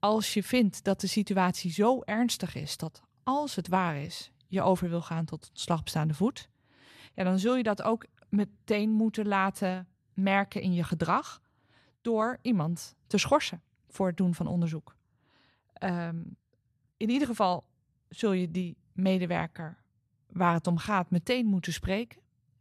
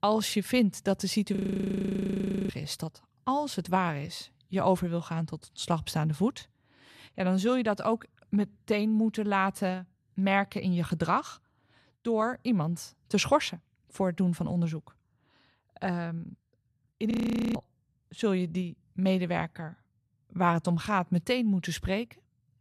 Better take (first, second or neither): first